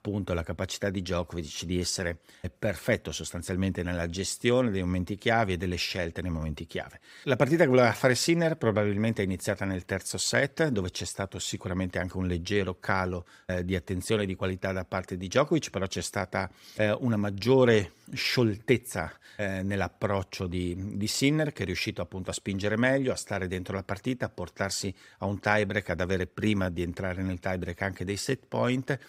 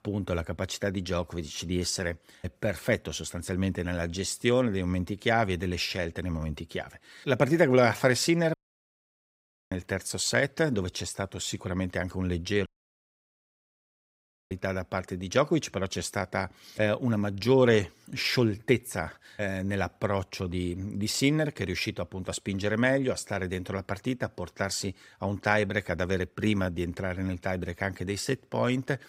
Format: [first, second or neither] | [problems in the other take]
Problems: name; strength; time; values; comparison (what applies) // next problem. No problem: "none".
first | audio cutting out; at 8.5 s for 1 s and at 13 s for 2 s